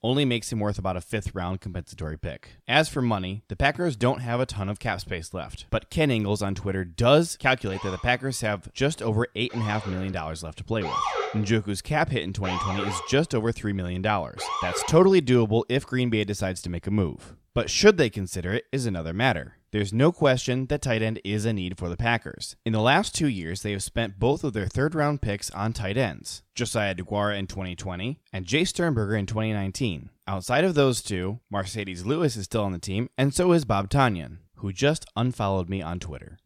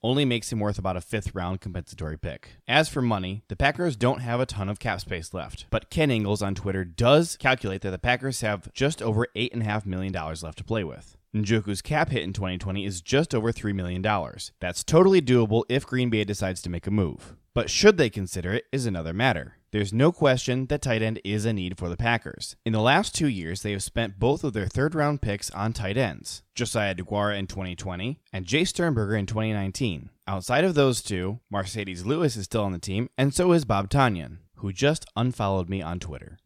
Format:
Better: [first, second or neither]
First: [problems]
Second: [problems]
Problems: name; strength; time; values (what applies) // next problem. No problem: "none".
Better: second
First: siren; noticeable; from 7.5 to 15 s; peak 1 dB below the speech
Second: none